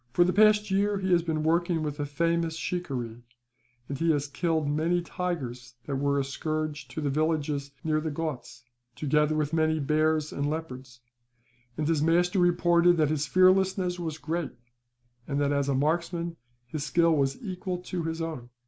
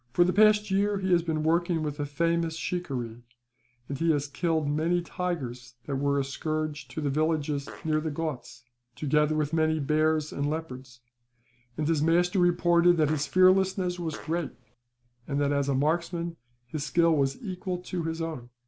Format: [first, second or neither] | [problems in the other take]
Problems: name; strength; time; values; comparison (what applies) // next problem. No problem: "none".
first | background sound (Fart); 19 dB below the speech